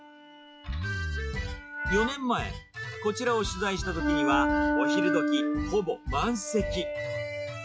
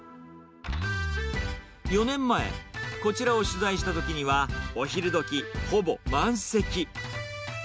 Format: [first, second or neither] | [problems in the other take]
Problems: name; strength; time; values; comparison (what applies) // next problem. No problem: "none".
second | noise reduction (classical method log-MMSE)